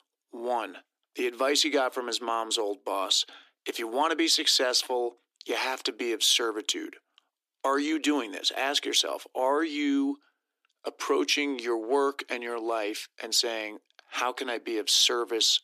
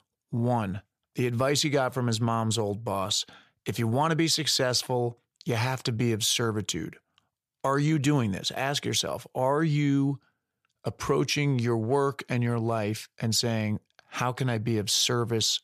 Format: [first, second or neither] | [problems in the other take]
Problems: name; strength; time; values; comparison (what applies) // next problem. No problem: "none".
second | thin; somewhat; fading below 300 Hz